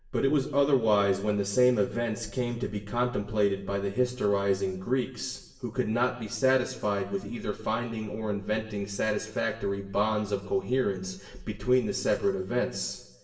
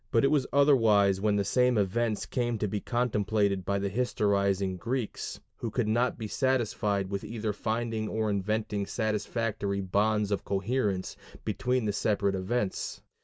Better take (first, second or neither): second